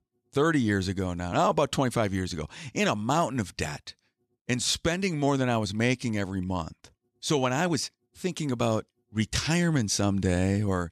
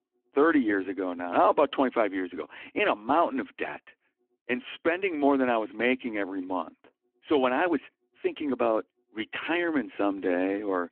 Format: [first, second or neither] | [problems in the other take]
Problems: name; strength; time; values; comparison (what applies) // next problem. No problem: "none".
first | phone-call audio